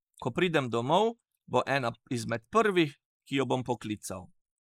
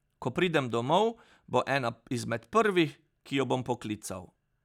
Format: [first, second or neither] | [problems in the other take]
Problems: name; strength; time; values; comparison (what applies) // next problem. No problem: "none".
second | noise reduction (neural mask model Resemble Enhance denoiser)